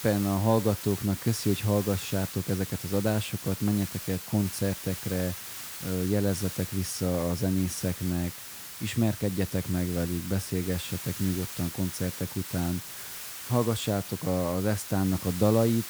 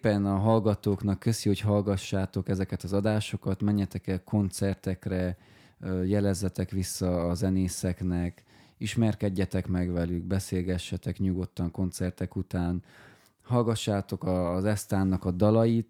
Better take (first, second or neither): second